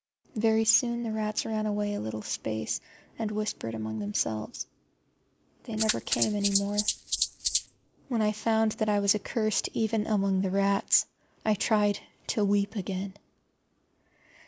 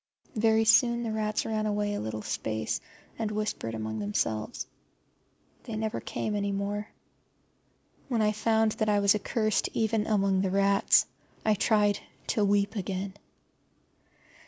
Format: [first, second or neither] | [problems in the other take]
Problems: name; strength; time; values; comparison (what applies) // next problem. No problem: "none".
second | noise reduction (neural mask model Resemble Enhance denoiser)